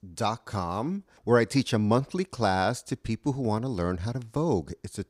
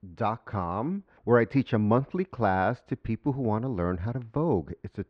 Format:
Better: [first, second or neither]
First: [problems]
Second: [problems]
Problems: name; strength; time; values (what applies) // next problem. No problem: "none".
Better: first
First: none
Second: muffled; very; fading above 2.5 kHz